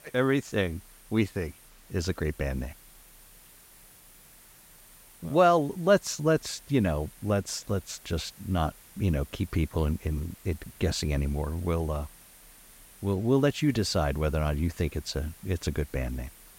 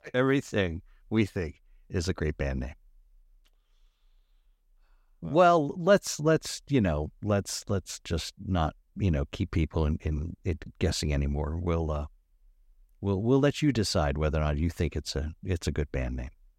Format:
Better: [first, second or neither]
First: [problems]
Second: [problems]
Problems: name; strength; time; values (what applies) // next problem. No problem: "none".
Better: second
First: hiss; faint; throughout; 20 dB below the speech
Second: none